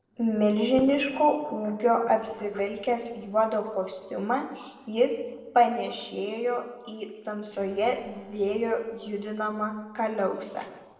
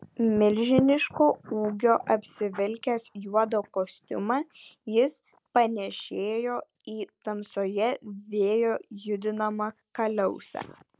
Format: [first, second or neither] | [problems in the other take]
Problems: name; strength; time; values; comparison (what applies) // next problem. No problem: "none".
second | noise reduction (neural separator model SepFormer DNS4)